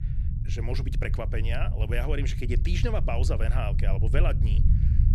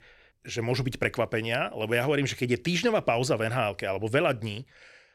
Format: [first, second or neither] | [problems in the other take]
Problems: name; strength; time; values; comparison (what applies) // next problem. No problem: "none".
second | low rumble; loud; throughout; 9 dB below the speech